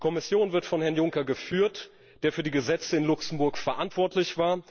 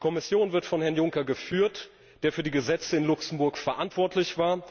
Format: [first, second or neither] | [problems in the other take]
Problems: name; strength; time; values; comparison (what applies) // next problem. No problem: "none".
second | noise reduction (neural mask model Resemble Enhance denoiser)